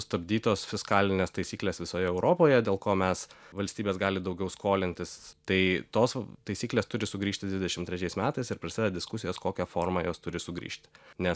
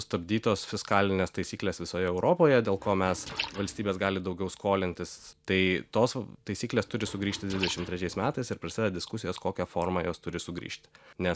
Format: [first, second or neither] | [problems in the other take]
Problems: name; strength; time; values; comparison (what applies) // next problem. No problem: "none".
first | background sound (Liquid); 12 dB below the speech